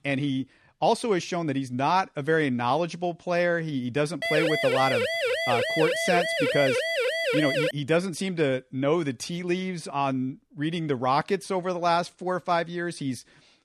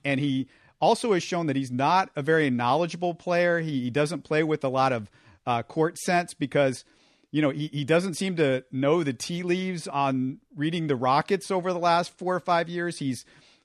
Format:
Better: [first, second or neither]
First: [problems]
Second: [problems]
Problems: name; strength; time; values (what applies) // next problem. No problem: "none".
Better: second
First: siren; loud; from 4 to 7.5 s; peak 2 dB above the speech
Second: none